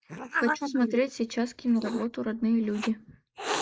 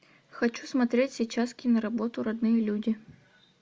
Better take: second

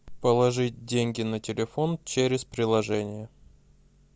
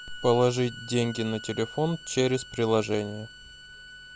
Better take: first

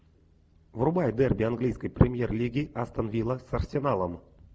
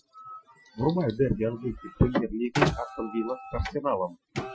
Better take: first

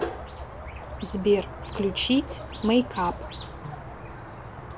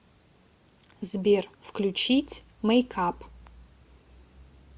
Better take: second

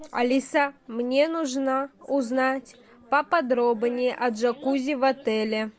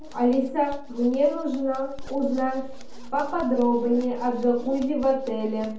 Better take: first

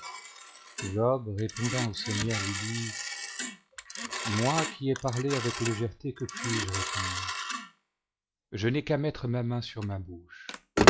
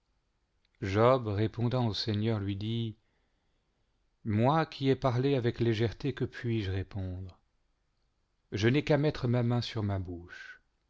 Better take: second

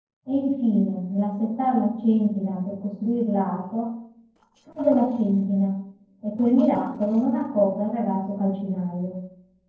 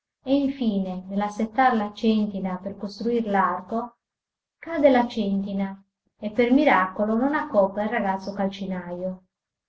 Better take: second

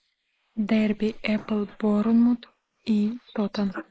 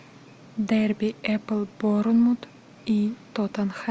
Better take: second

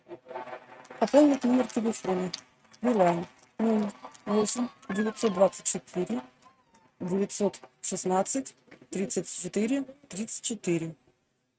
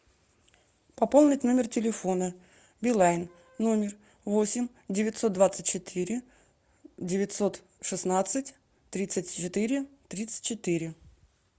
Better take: second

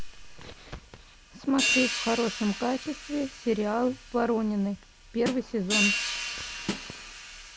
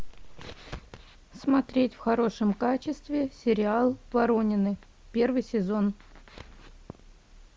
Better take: second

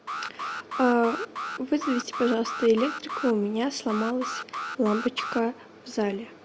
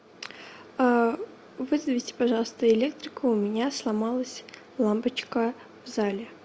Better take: second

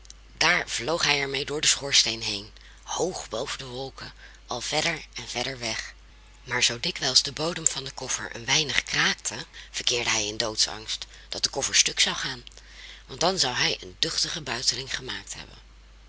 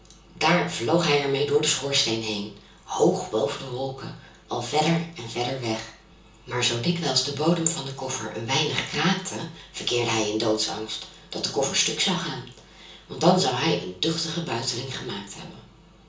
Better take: first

